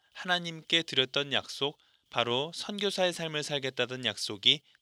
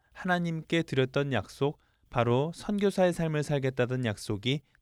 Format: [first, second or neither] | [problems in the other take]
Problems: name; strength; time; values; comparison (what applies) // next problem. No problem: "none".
second | thin; very slightly; fading below 850 Hz